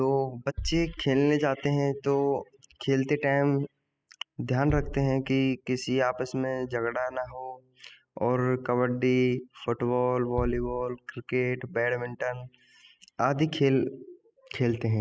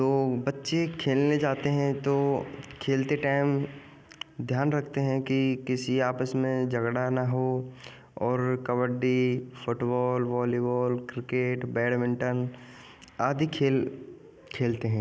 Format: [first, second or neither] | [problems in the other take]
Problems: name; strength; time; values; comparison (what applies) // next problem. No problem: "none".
second | noise reduction (classical method spectral subtraction)